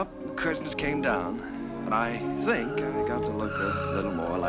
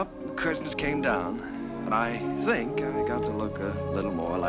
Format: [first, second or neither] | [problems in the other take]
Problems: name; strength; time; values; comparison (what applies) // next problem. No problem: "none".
second | background sound (Car); 13 dB below the speech